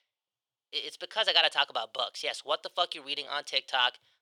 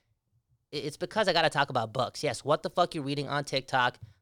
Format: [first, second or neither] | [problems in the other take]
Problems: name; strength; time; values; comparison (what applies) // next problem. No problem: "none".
second | thin; very; fading below 600 Hz